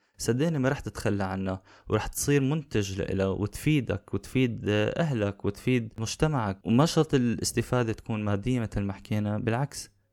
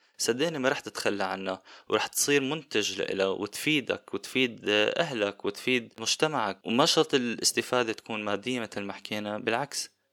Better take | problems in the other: first | thin; somewhat; fading below 350 Hz

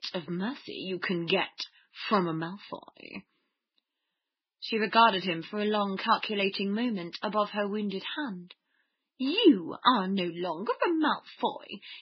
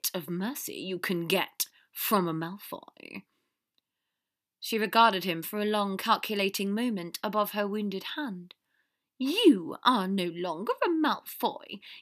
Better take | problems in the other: second | garbled, watery; badly

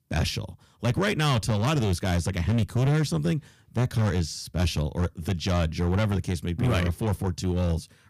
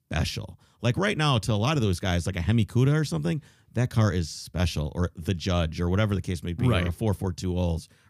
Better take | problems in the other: second | distortion; slight; 9% of the sound clipped

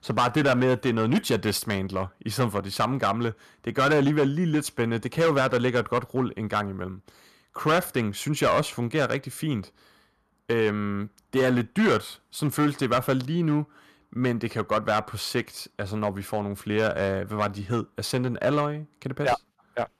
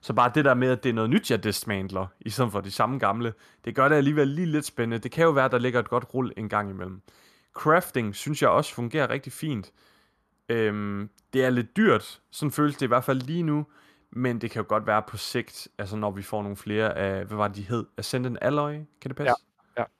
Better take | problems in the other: second | distortion; slight; 5% of the sound clipped

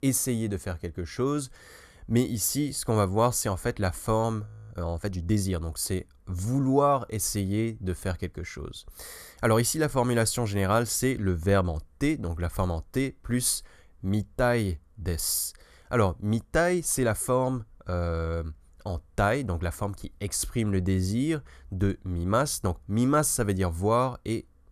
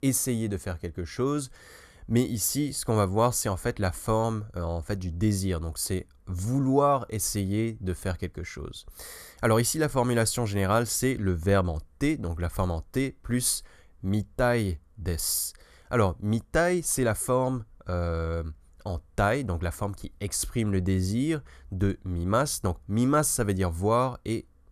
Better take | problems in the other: second | audio freezing; at 4.5 s

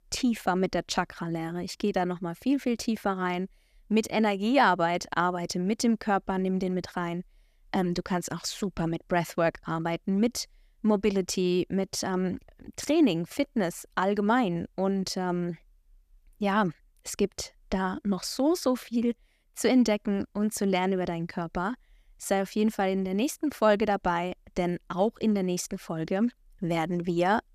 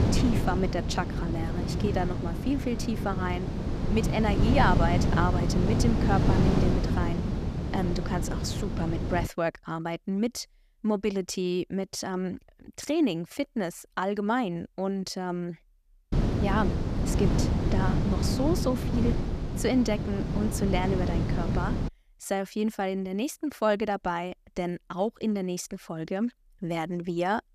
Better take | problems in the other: first | wind noise on the microphone; heavy; until 9.5 s and from 16 to 22 s; 4 dB below the speech

